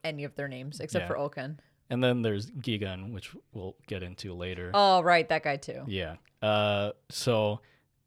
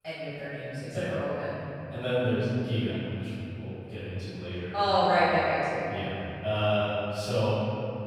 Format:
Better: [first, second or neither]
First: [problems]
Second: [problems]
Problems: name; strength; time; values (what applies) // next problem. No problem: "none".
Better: first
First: none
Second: off-mic speech; far // room echo; strong; dies away in 3 s